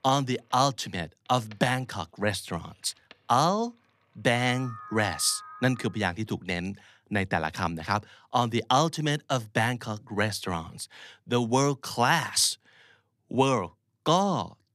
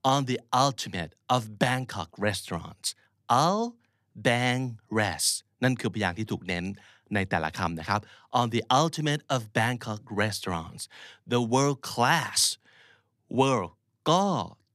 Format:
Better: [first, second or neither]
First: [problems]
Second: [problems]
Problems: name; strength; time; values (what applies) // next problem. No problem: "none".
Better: second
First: alarms or sirens; noticeable; until 5.5 s; 20 dB below the speech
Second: none